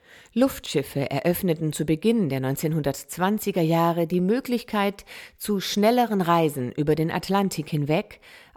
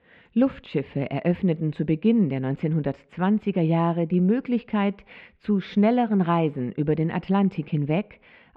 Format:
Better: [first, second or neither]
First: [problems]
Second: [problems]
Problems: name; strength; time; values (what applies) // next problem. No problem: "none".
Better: first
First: none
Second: muffled; very; fading above 2.5 kHz